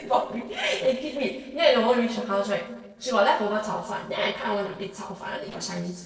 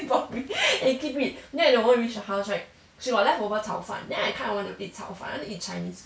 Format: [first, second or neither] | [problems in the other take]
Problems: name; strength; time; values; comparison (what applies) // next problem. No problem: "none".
second | noise reduction (neural separator model SepFormer DNS4)